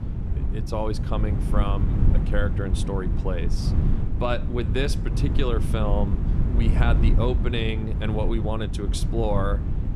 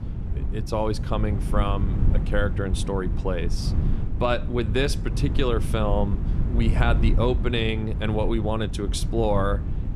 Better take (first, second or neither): second